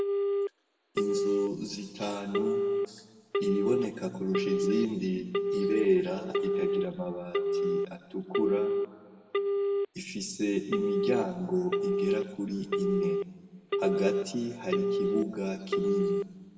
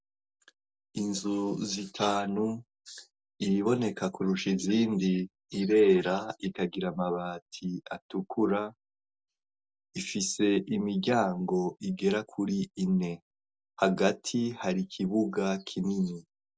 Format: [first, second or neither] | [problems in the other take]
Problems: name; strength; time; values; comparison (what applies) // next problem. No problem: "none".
second | background sound (Telephone); 2 dB above the speech // room echo; dies away in 1.6 s